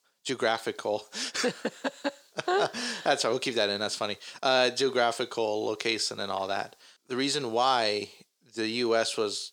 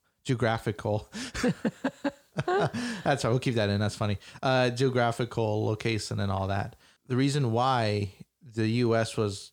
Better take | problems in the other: second | thin; somewhat; fading below 400 Hz

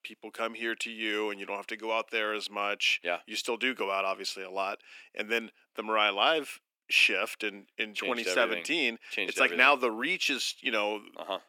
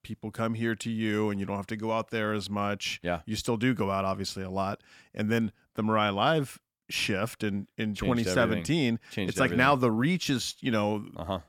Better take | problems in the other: second | thin; somewhat; fading below 350 Hz

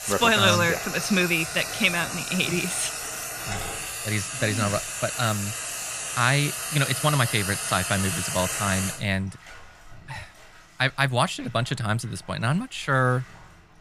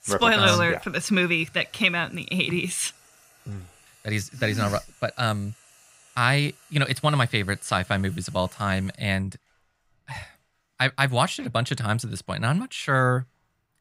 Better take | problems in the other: second | household noises; loud; throughout; 5 dB below the speech; faint in the second

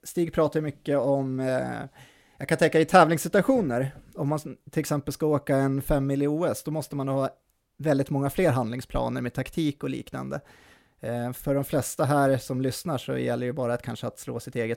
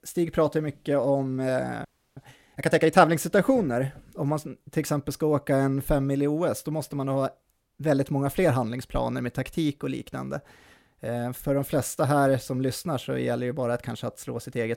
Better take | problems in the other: first | audio freezing; at 2 s

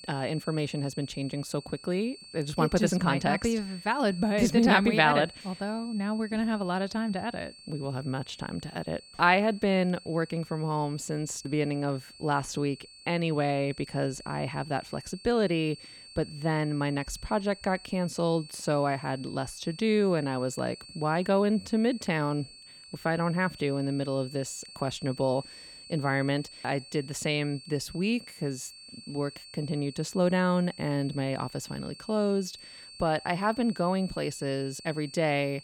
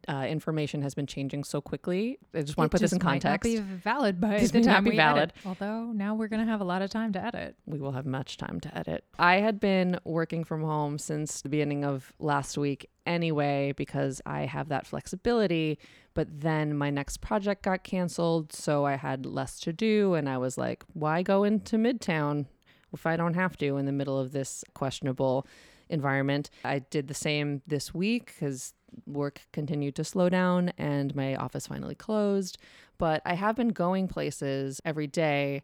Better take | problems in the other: second | high-pitched whine; noticeable; throughout; 4.5 kHz, 15 dB below the speech

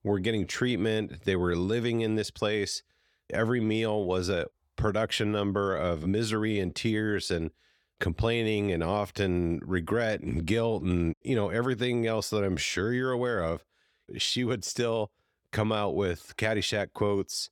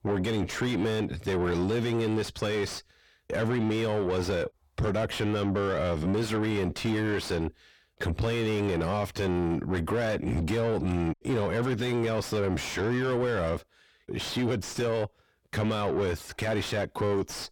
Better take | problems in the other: first | distortion; heavy; 7 dB below the speech

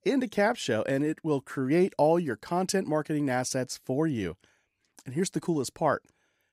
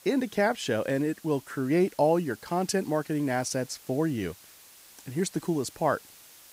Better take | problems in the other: first | hiss; faint; throughout; 20 dB below the speech

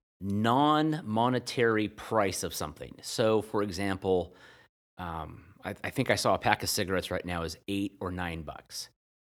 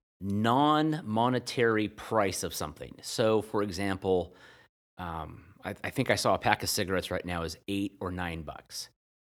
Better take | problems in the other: neither | none

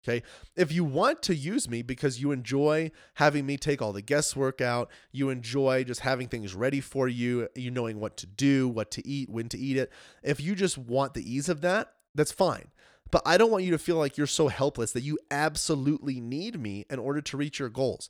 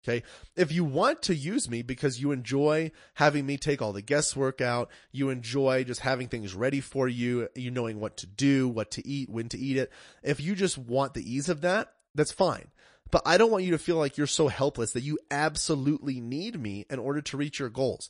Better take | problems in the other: first | garbled, watery; slightly; nothing above 10.5 kHz

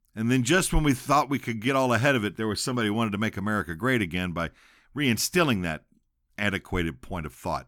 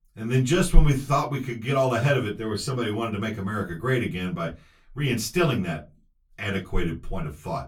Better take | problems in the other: first | off-mic speech; far // room echo; very slight; dies away in 0.2 s

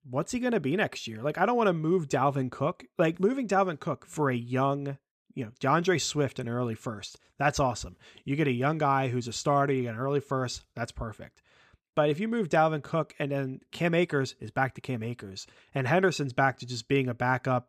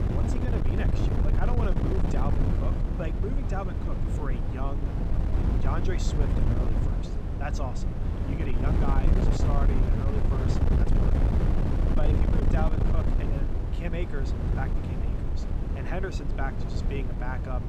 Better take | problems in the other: first | wind noise on the microphone; heavy; 1 dB above the speech

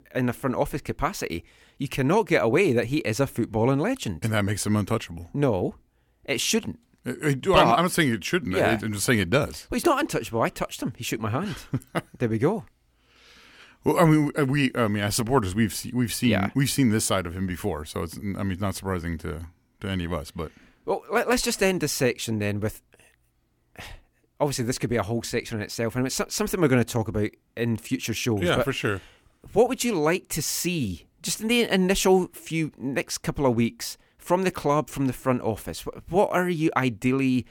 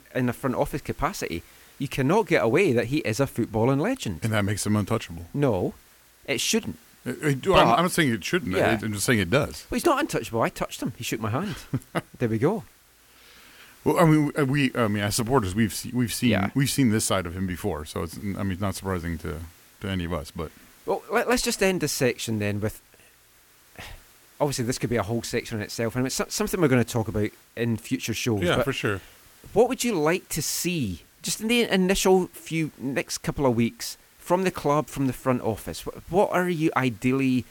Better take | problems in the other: first | hiss; faint; throughout; 30 dB below the speech

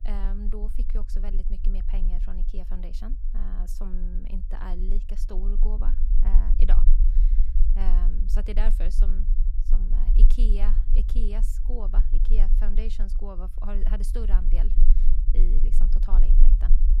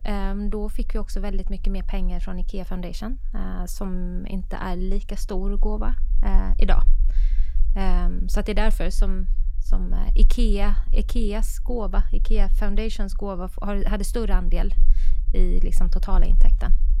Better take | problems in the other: second | low rumble; loud; throughout; 8 dB below the speech; faint in the second

